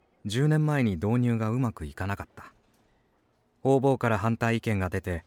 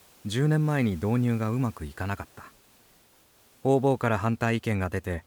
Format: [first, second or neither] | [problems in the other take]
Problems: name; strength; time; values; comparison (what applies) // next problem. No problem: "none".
first | hiss; faint; throughout; 30 dB below the speech